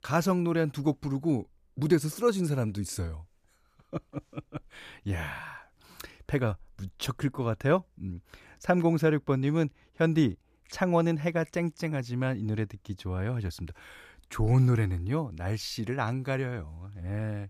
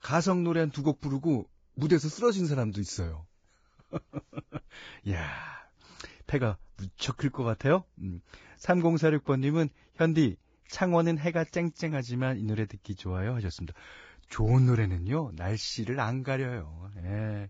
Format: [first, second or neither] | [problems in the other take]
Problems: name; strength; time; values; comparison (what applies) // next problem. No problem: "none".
first | garbled, watery; badly; nothing above 7.5 kHz